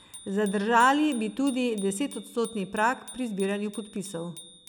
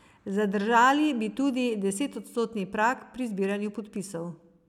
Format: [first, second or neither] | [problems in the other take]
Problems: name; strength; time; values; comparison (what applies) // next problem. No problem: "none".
second | background sound (Bicycle bell); 19 dB below the speech